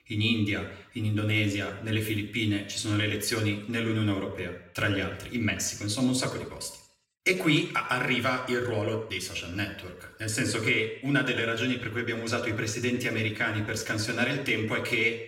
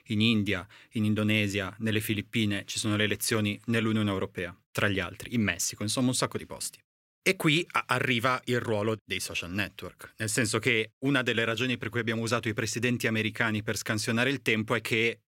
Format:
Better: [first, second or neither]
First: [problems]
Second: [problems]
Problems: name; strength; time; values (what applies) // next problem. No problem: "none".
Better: second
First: room echo; slight; dies away in 0.7 s // off-mic speech; somewhat distant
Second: none